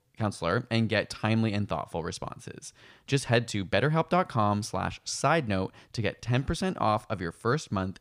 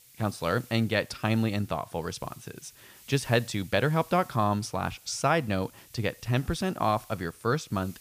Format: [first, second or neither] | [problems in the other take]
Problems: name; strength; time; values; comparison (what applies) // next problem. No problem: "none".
first | hiss; faint; throughout; 25 dB below the speech